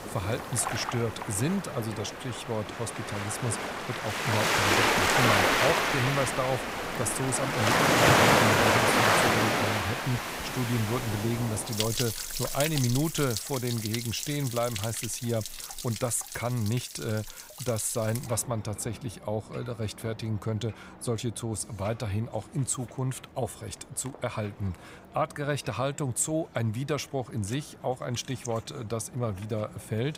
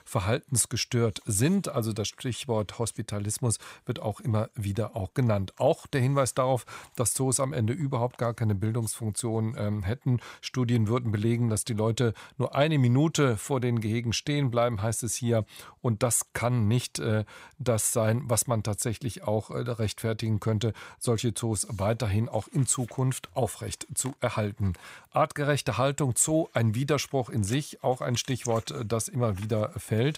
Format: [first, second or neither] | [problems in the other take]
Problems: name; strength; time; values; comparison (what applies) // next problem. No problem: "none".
second | rain or running water; very loud; throughout; 4 dB above the speech